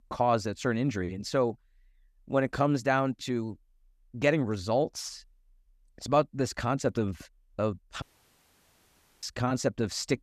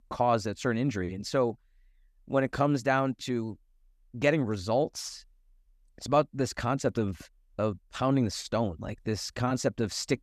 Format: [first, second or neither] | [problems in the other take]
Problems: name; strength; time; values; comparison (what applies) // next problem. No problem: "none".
second | audio cutting out; at 8 s for 1 s